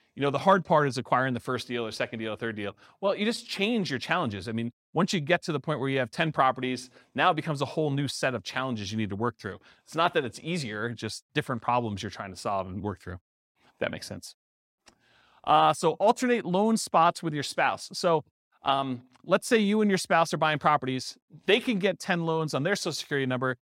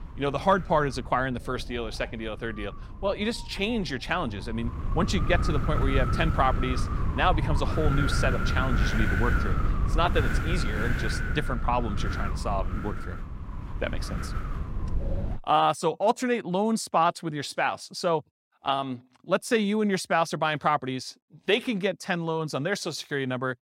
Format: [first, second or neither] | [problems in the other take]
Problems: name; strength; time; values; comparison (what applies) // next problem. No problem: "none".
first | wind noise on the microphone; heavy; until 15 s; 7 dB below the speech